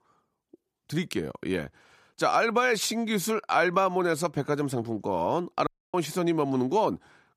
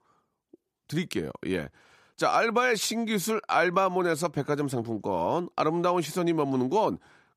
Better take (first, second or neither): second